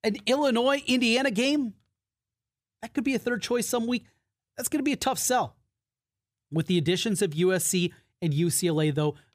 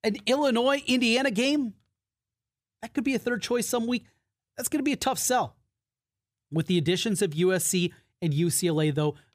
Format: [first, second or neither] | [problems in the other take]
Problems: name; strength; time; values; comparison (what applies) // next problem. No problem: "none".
neither | none